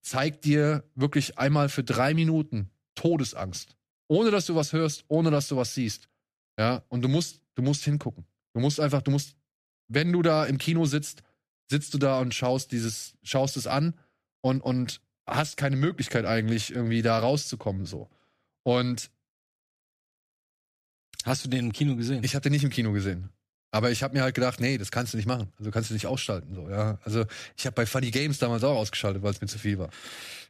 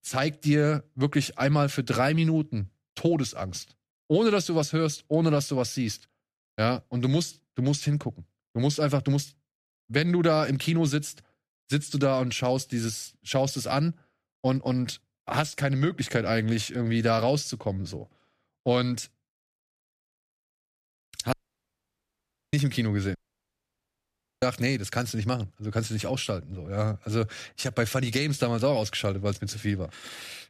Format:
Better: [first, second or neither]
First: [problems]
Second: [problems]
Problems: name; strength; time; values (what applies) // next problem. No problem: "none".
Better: first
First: none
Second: audio cutting out; at 21 s for 1 s and at 23 s for 1.5 s